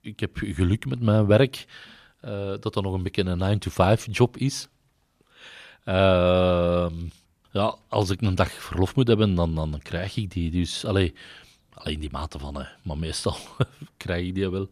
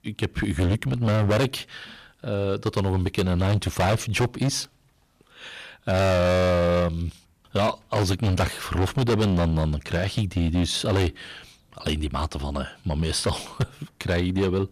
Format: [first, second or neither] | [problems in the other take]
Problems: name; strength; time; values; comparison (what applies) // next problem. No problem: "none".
first | distortion; heavy; 15% of the sound clipped